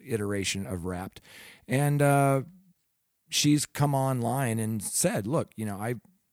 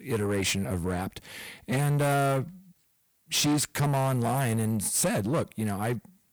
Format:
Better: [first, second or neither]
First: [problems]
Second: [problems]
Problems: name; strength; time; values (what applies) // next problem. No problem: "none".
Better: first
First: none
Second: distortion; heavy; 7 dB below the speech